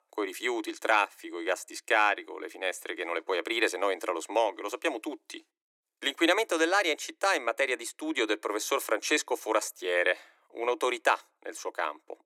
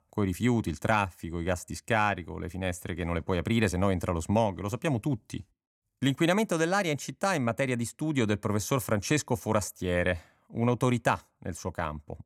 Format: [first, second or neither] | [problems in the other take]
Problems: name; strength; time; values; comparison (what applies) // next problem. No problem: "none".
second | thin; very; fading below 300 Hz